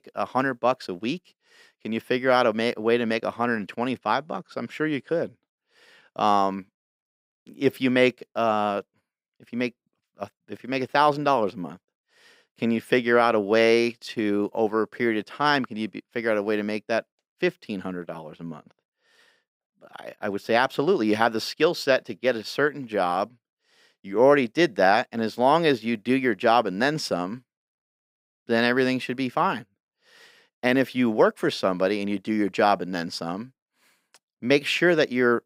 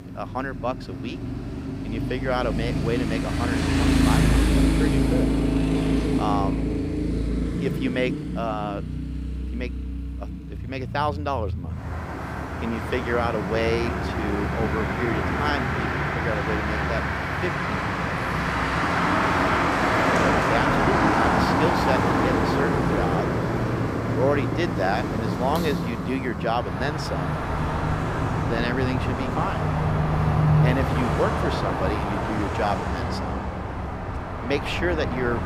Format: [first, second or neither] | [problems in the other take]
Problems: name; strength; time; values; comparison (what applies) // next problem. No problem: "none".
first | traffic noise; very loud; throughout; 5 dB above the speech